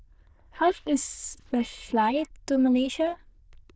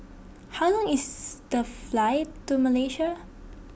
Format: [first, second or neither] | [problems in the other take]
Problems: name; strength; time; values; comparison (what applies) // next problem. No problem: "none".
second | noise reduction (neural diffusion model UNIVERSE++)